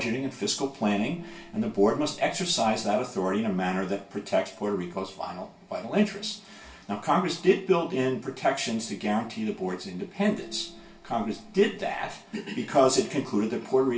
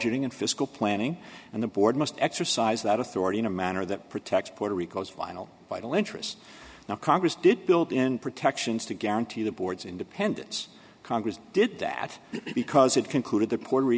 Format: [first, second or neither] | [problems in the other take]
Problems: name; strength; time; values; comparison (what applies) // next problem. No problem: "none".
second | background sound (Gong); 20 dB below the speech // room echo; dies away in 0.3 s